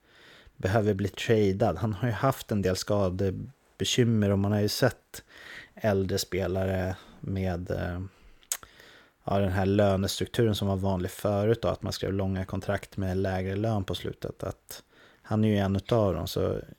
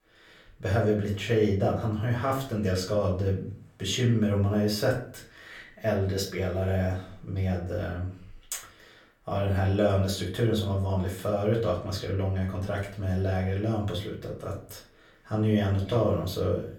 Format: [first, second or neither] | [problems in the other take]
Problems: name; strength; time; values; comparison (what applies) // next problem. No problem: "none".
first | room echo; slight; dies away in 0.4 s // off-mic speech; far